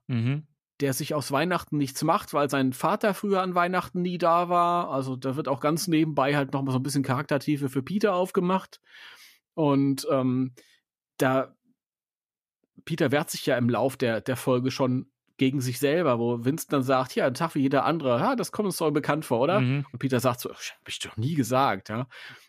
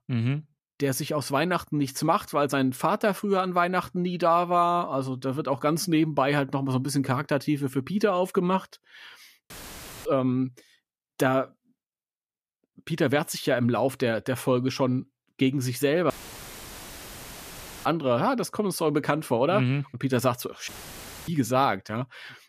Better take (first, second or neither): first